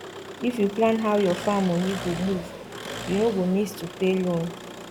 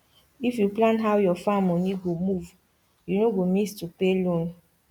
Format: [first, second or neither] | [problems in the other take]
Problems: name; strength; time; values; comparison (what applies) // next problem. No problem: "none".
second | background sound (Engine); 11 dB below the speech